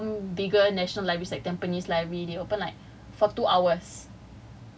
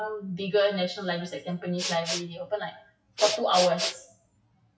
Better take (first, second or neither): first